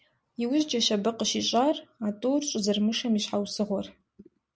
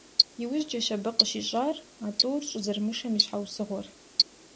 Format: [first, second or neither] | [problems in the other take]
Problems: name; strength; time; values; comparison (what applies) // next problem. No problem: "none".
first | background sound (Tick-tock); 1 dB above the speech